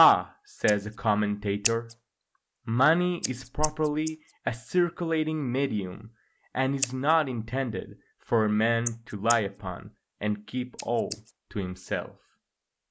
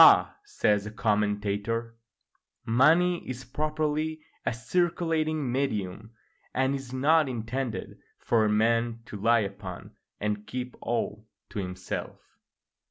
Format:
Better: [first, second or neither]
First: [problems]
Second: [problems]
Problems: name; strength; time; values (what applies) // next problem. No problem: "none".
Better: second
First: noise reduction (neural mask model Resemble Enhance denoiser)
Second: none